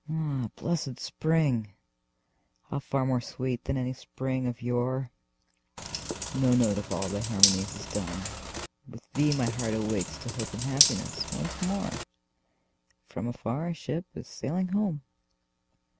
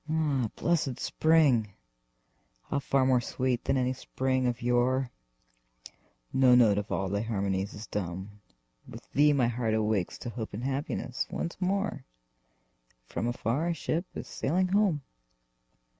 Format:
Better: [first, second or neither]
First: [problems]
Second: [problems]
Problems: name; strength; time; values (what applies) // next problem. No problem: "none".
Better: second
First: background sound (Bathtub (filling or washing)); 1 dB below the speech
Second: none